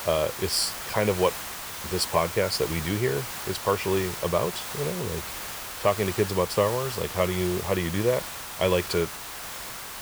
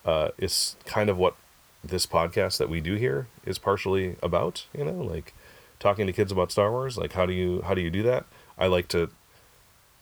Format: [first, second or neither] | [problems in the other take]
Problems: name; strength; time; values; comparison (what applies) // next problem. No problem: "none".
second | hiss; loud; throughout; 7 dB below the speech; faint in the second